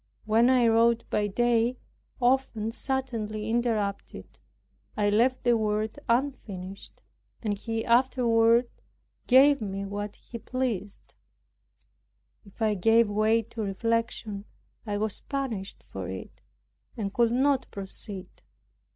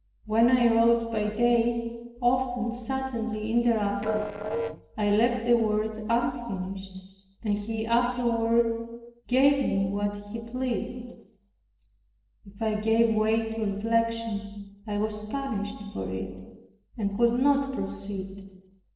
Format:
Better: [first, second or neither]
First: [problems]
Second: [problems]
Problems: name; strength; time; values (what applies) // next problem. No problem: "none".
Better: first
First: none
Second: noise reduction (neural separator model SepFormer DNS4)